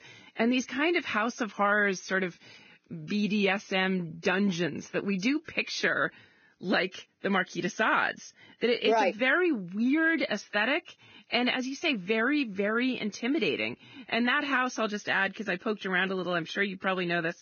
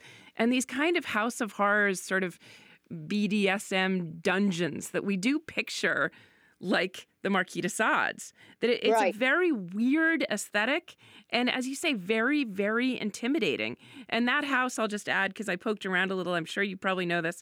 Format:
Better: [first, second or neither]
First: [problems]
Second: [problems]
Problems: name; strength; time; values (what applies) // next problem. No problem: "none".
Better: second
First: garbled, watery; badly; nothing above 6.5 kHz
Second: none